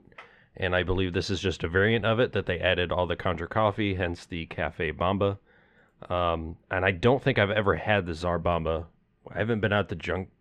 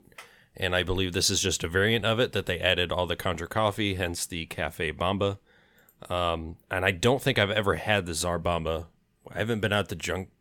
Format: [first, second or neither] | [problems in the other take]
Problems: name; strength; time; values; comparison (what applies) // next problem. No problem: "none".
second | muffled; slightly; fading above 2.5 kHz